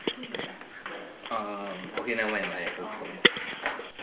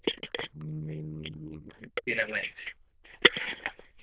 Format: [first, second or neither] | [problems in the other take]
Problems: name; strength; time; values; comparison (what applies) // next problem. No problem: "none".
first | noise reduction (neural diffusion model UNIVERSE++)